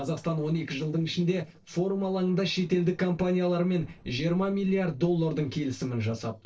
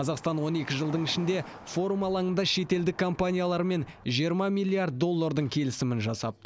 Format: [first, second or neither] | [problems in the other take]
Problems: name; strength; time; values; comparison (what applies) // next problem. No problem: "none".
second | noise reduction (neural separator model SepFormer DNS4)